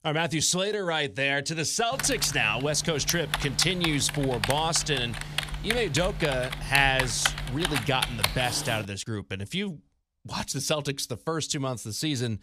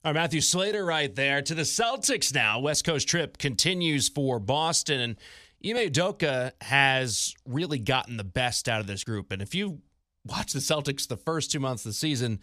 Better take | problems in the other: second | keyboard typing; loud; from 2 to 9 s; peak level with the speech

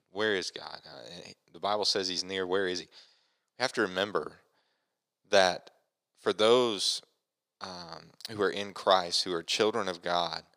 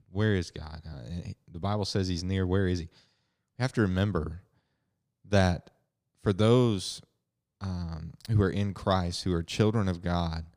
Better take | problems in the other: second | thin; very; fading below 550 Hz

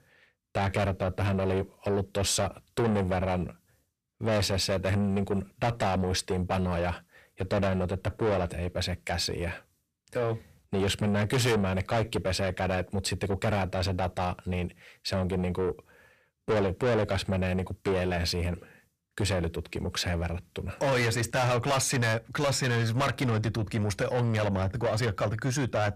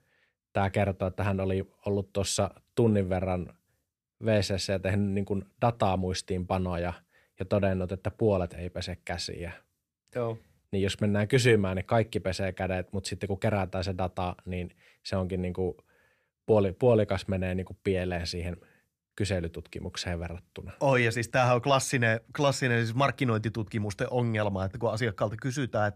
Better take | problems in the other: second | distortion; heavy; 6 dB below the speech

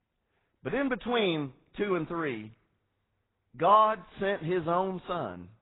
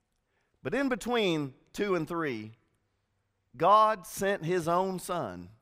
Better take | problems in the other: second | garbled, watery; badly; nothing above 3.5 kHz

